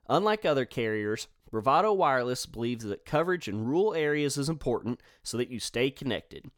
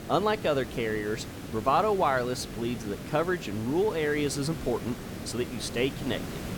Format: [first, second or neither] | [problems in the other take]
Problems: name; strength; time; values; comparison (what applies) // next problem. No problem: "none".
first | hiss; loud; throughout; 10 dB below the speech